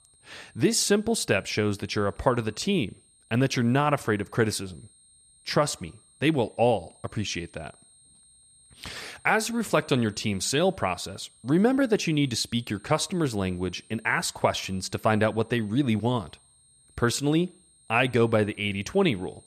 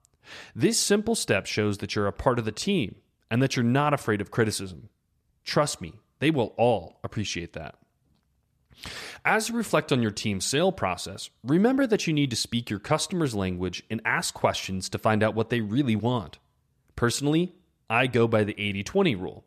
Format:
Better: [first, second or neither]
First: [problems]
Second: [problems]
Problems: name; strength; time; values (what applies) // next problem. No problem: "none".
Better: second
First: high-pitched whine; faint; throughout; 8.5 kHz, 30 dB below the speech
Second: none